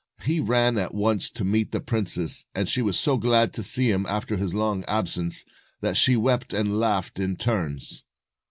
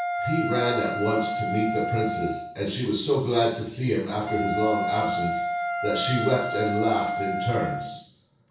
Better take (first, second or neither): first